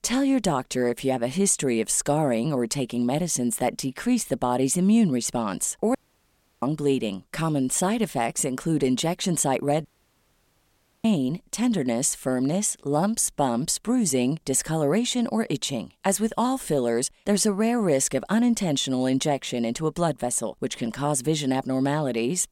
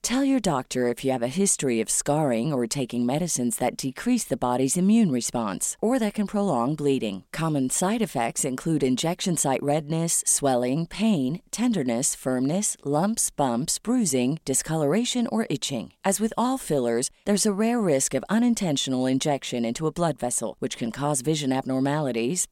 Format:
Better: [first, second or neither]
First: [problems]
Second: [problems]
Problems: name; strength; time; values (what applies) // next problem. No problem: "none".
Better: second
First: audio cutting out; at 6 s for 0.5 s and at 10 s for 1 s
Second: none